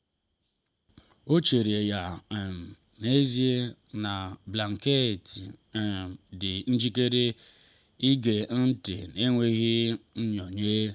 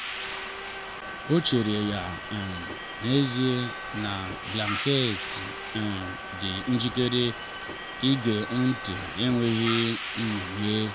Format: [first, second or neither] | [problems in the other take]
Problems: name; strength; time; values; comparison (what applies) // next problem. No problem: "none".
first | background sound (Subway, metro, underground); 7 dB below the speech